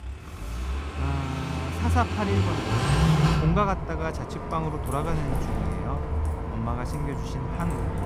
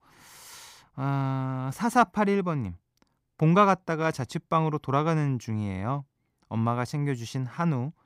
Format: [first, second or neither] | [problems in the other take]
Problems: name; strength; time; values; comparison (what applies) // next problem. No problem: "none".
second | traffic noise; very loud; throughout; 3 dB above the speech